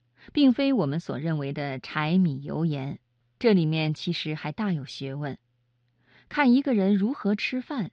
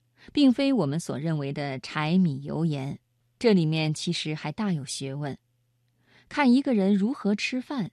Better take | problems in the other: second | muffled; very slightly; fading above 4.5 kHz

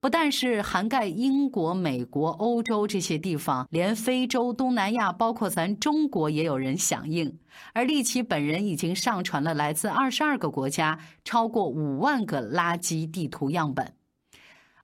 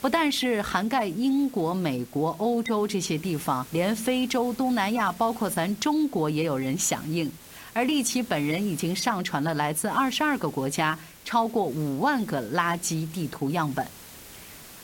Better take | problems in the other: first | hiss; noticeable; throughout; 20 dB below the speech

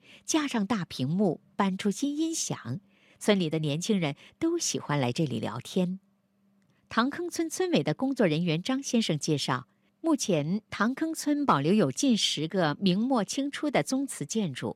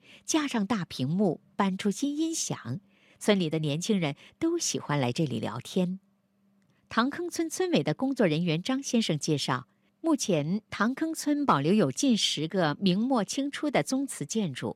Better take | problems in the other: neither | none

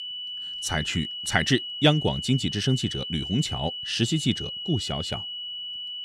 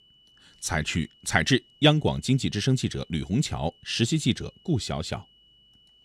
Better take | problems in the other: second | high-pitched whine; loud; throughout; 3 kHz, 6 dB below the speech; faint in the second

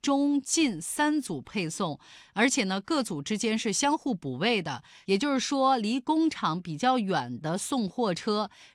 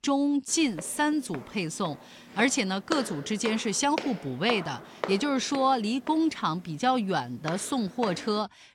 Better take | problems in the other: first | footsteps; noticeable; from 1 to 8 s; peak 7 dB below the speech

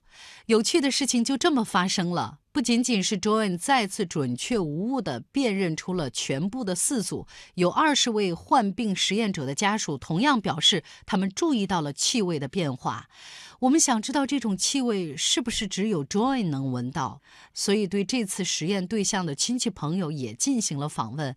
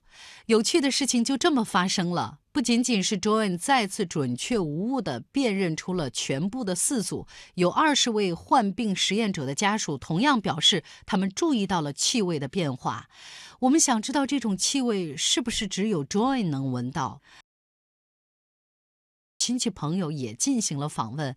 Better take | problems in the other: first | audio cutting out; at 17 s for 2 s

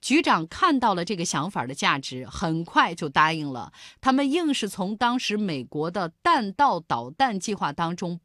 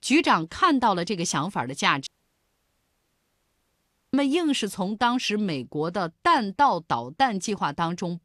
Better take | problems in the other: first | audio cutting out; at 2 s for 2 s

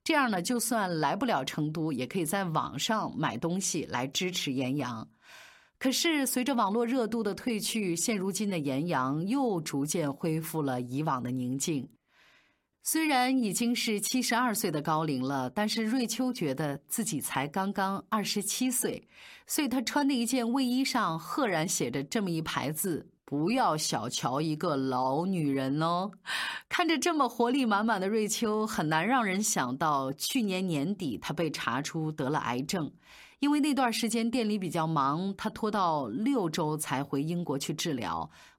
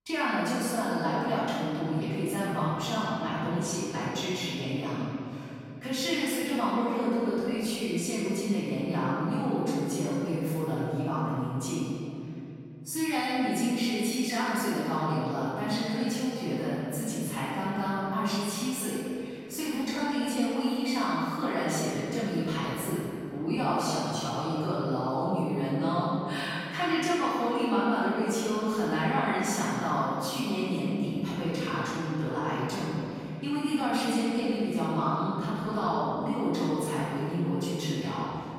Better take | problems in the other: first | off-mic speech; far // room echo; strong; dies away in 3 s

